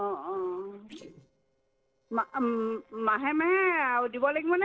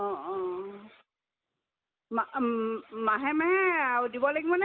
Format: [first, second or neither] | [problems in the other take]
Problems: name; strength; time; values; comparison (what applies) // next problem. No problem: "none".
second | noise reduction (neural separator model SepFormer DNS4)